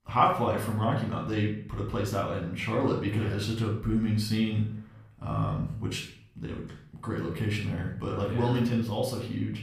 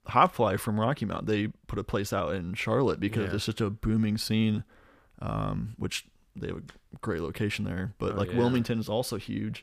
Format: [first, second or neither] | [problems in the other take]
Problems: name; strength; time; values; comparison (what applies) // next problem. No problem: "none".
second | off-mic speech; far // room echo; noticeable; dies away in 0.5 s